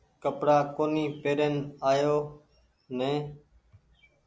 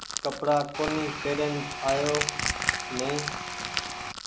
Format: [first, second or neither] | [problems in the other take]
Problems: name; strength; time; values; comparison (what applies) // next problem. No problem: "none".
first | background sound (Tools + Crushing); 2 dB below the speech